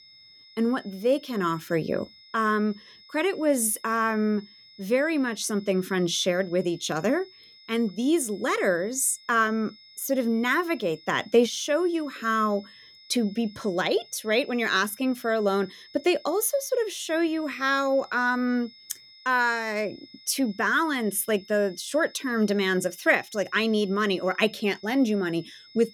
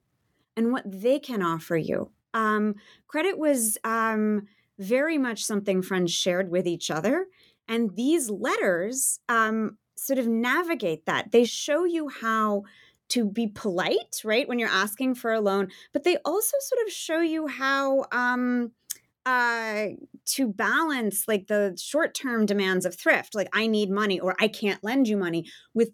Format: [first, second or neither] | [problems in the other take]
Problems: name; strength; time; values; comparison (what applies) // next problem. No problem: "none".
second | high-pitched whine; faint; throughout; 5 kHz, 25 dB below the speech